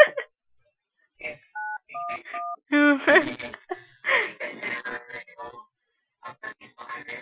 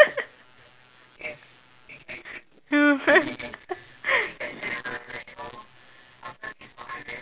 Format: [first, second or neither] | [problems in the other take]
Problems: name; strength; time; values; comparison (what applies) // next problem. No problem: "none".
second | noise reduction (classical method Wiener filter)